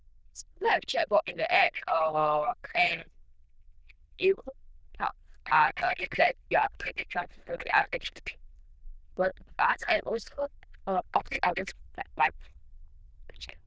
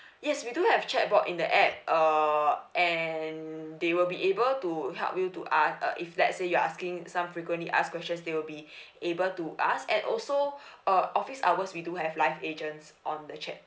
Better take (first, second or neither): second